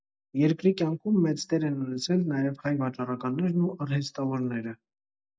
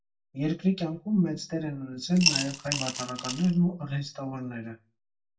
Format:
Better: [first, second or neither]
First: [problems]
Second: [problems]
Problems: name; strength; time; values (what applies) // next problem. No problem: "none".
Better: first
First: none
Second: background sound (Coin (dropping) / Glass); 2 dB below the speech // room echo; dies away in 0.2 s